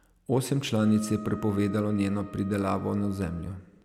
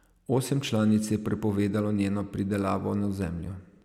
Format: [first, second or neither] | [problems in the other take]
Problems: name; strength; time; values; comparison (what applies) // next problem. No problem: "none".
second | background sound (Wind instrument, woodwind instrument); 20 dB below the speech